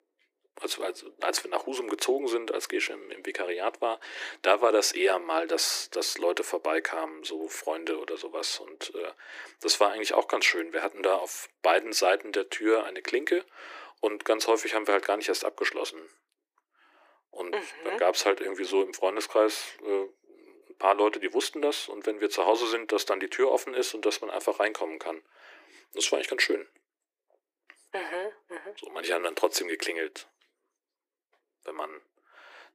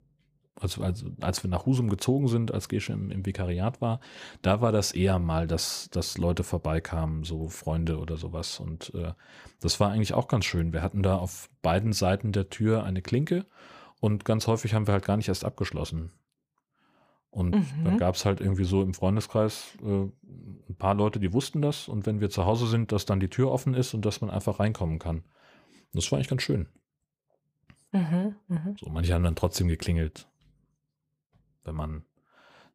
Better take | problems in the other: second | thin; very; fading below 300 Hz

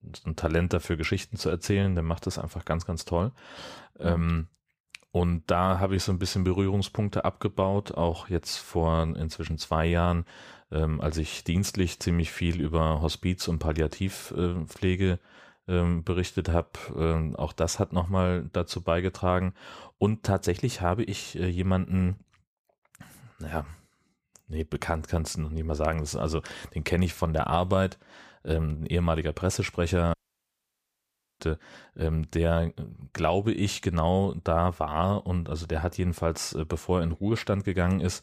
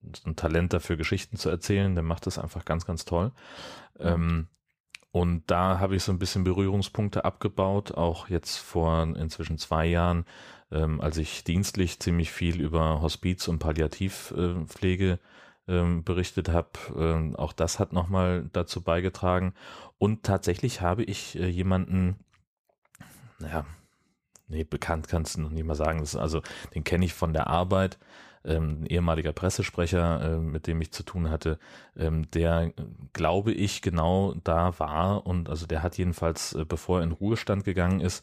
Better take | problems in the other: second | audio cutting out; at 30 s for 1.5 s

